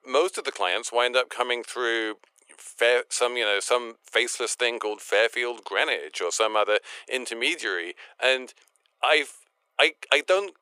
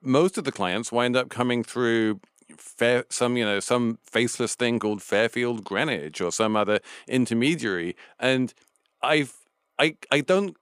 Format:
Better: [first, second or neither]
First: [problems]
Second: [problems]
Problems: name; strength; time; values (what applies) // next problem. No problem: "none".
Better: second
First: thin; very; fading below 400 Hz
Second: none